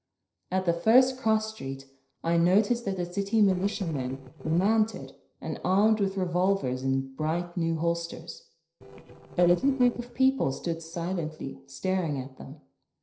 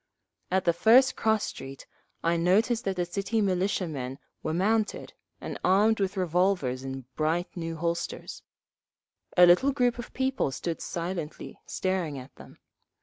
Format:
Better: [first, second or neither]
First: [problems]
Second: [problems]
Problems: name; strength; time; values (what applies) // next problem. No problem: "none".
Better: second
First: noise reduction (neural separator model SepFormer DNS4)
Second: none